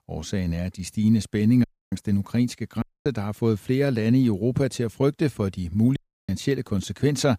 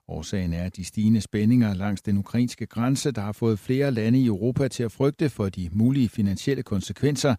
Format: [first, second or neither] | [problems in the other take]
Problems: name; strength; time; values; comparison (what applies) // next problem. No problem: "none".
second | audio cutting out; at 1.5 s, at 3 s and at 6 s